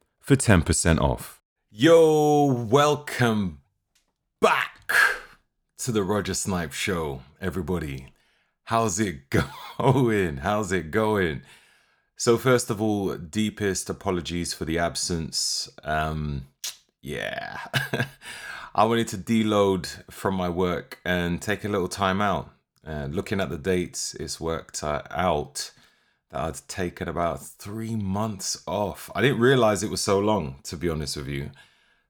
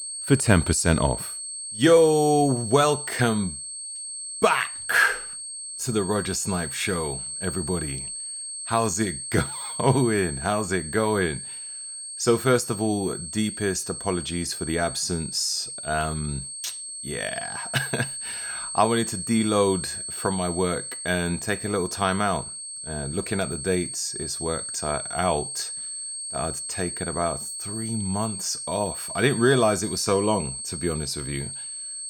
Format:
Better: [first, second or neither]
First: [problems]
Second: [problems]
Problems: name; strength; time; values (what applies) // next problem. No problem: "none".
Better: first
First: none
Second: high-pitched whine; loud; throughout; 8.5 kHz, 6 dB below the speech